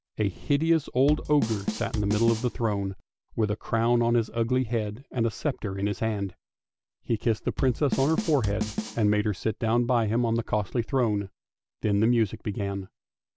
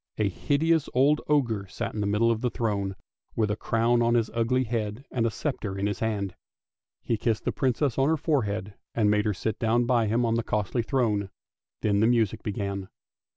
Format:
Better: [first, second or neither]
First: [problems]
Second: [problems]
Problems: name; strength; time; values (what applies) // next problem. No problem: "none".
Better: second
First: background sound (Drum kit); 7 dB below the speech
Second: none